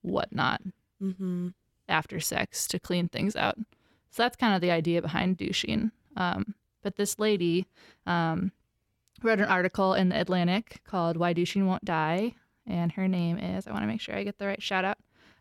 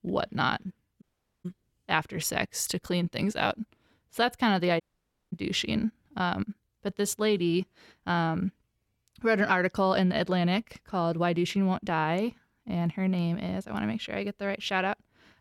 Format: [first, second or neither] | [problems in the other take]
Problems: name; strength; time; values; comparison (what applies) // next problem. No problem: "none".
first | audio cutting out; at 1 s and at 5 s for 0.5 s